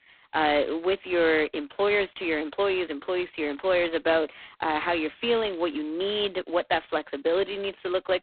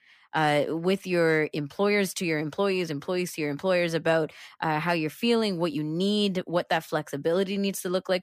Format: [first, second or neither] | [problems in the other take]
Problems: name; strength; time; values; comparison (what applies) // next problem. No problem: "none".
second | phone-call audio; poor line; nothing above 4 kHz